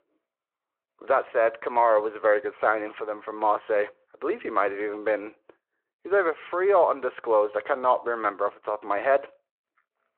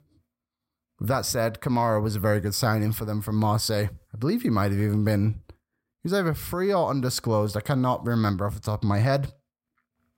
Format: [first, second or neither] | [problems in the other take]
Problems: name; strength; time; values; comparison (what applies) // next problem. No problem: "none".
second | phone-call audio; nothing above 3.5 kHz